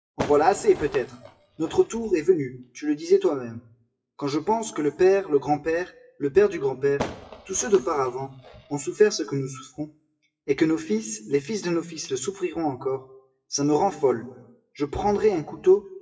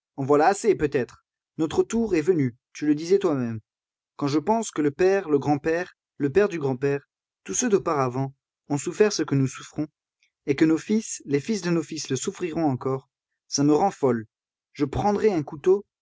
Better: second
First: noise reduction (classical method WPE with log-MMSE)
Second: none

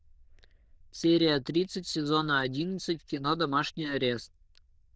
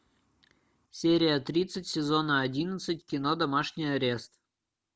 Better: second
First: noise reduction (neural diffusion model UNIVERSE++)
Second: none

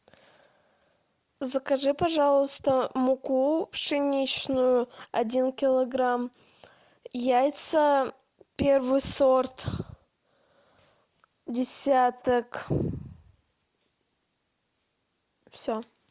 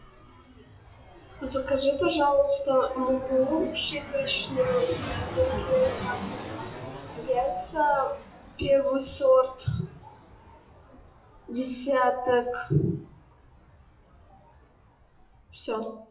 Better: first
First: none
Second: noise reduction (classical method WPE with log-MMSE)

